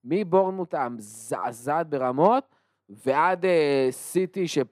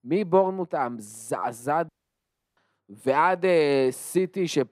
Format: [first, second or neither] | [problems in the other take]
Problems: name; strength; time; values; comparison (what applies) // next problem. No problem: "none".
first | audio cutting out; at 2 s for 0.5 s